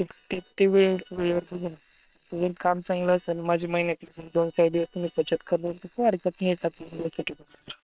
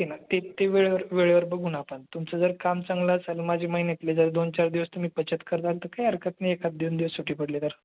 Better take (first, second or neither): second